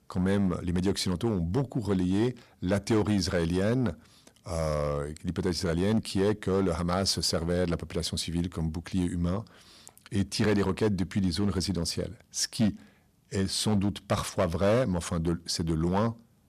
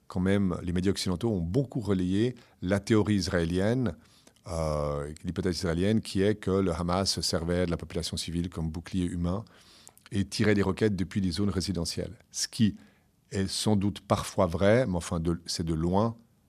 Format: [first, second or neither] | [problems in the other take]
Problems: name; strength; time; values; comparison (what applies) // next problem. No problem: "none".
second | distortion; slight; 5% of the sound clipped